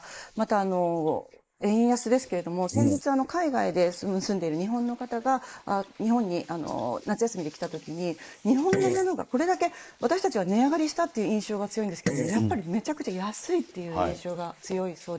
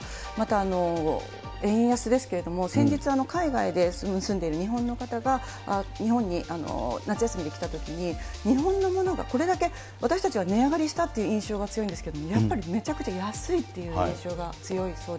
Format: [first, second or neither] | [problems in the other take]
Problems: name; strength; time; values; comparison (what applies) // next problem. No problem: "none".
second | noise reduction (neural mask model Resemble Enhance denoiser)